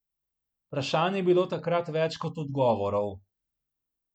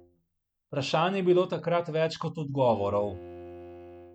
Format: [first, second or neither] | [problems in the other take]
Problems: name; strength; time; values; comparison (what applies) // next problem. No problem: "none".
first | background sound (Bowed string instrument); 20 dB below the speech